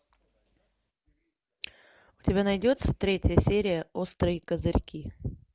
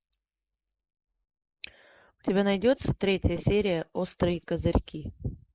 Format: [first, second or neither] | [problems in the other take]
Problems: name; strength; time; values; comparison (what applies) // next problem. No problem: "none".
first | noise reduction (neural mask model Resemble Enhance denoiser)